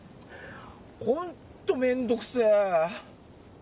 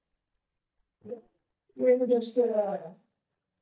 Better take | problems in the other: first | noise reduction (neural mask model DeepFilterNet 3)

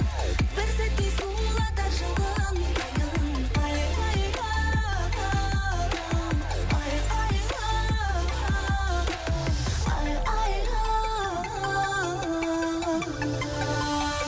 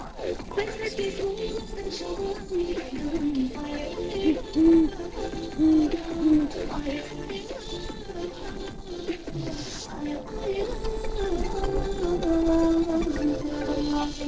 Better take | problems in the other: first | noise reduction (neural separator model SepFormer DNS4)

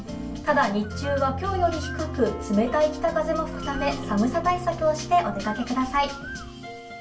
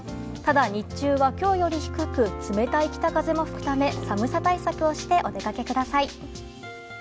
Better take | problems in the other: second | background sound (Bird); 20 dB below the speech // room echo; dies away in 0.3 s

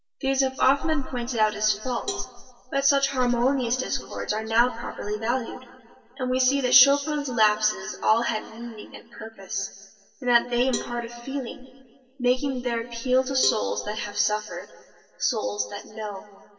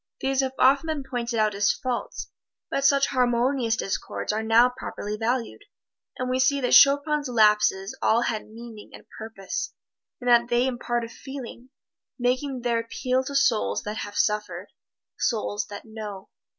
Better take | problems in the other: second | background sound (Cowbell); 16 dB below the speech // room echo; dies away in 1.7 s

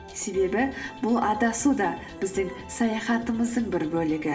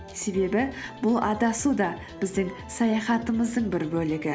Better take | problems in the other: second | room echo; dies away in 1.4 s

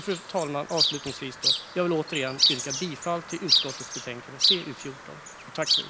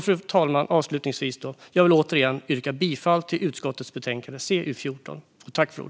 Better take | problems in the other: second | background sound (Chirp, tweet); 4 dB above the speech

